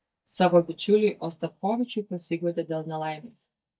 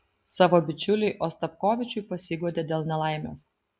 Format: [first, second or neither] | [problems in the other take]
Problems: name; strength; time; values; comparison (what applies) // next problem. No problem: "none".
second | noise reduction (neural mask model DeepFilterNet 3)